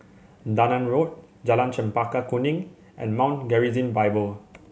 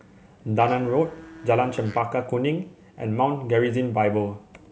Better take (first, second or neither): first